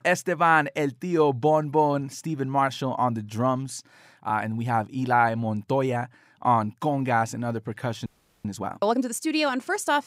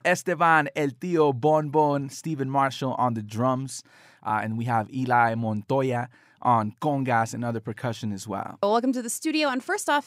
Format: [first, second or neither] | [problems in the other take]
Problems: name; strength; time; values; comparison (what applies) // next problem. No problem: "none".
second | audio freezing; at 8 s